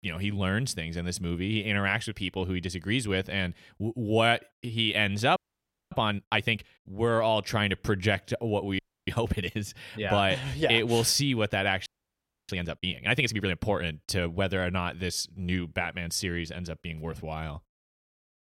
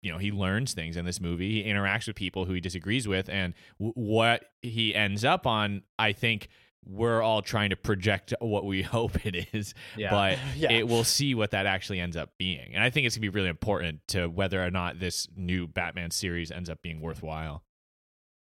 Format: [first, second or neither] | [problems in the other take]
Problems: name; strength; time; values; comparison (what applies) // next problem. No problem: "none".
second | audio freezing; at 5.5 s for 0.5 s, at 9 s and at 12 s for 0.5 s